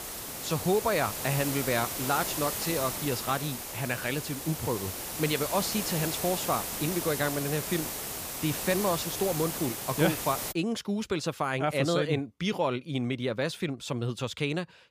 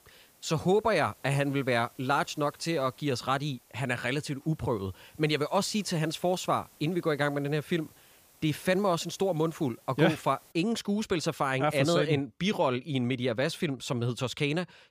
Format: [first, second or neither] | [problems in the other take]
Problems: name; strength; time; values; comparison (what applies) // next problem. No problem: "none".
second | hiss; loud; until 11 s; 3 dB below the speech; faint in the second